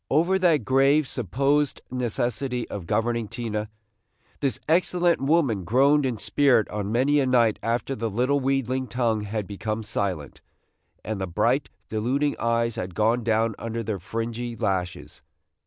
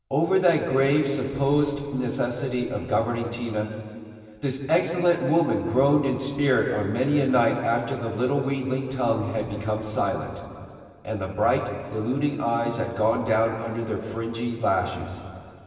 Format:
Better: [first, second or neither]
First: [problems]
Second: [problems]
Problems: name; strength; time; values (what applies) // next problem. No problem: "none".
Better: first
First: none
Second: room echo; dies away in 2.5 s